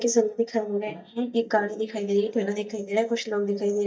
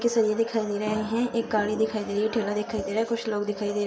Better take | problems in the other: second | noise reduction (neural mask model DeepFilterNet 3)

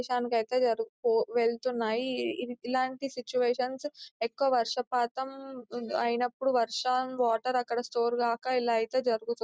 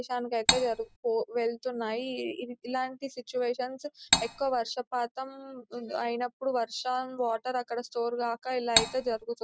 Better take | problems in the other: first | background sound (Cutlery, silverware); 3 dB above the speech

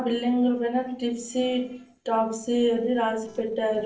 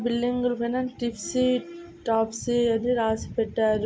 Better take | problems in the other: second | noise reduction (neural separator model SepFormer DNS4)

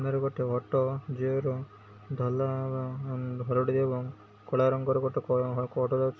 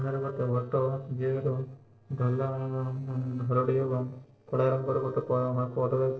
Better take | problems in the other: first | noise reduction (neural separator model SepFormer DNS4)

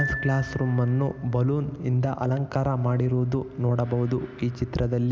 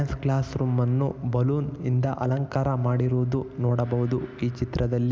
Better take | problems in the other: second | background sound (Piano); 16 dB below the speech

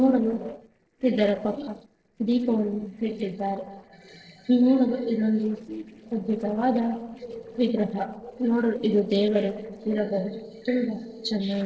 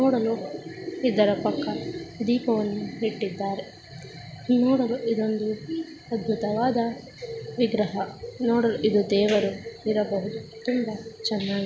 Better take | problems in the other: second | noise reduction (neural separator model SepFormer DNS4)

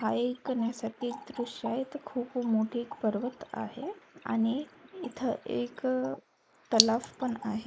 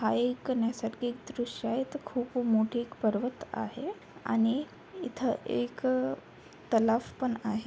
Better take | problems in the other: second | noise reduction (neural mask model Resemble Enhance denoiser)

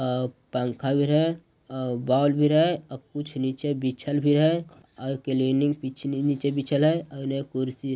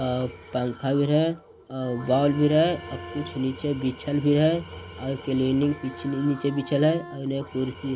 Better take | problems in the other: first | background sound (Tools + Bowed string instrument); 16 dB below the speech

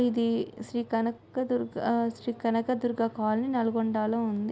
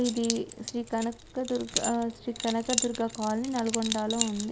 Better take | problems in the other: first | background sound (Keys jangling); 5 dB below the speech

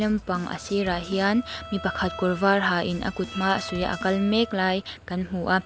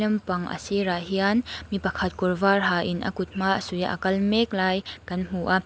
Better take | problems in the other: second | background sound (Drum kit + Bowed string instrument); 15 dB below the speech

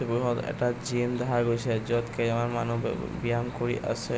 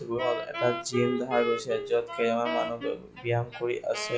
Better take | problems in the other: first | noise reduction (classical method log-MMSE)

